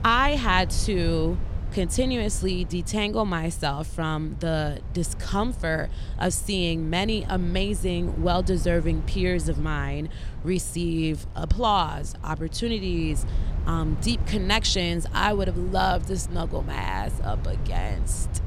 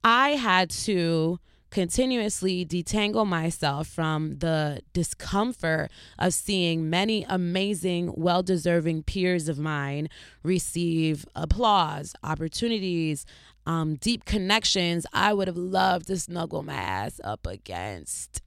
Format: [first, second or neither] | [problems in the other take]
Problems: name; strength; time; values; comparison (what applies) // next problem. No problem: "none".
second | low rumble; noticeable; throughout; 20 dB below the speech